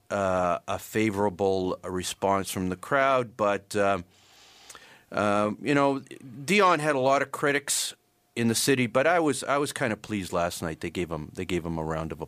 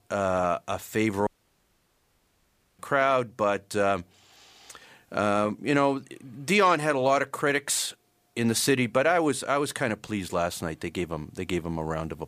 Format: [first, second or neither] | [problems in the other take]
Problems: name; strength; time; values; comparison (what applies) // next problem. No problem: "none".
first | audio cutting out; at 1.5 s for 1.5 s